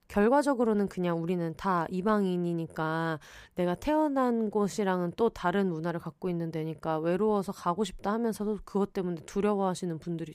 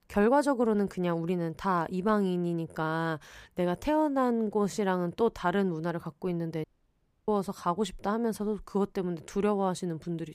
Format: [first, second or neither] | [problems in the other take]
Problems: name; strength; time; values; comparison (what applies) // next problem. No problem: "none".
first | audio cutting out; at 6.5 s for 0.5 s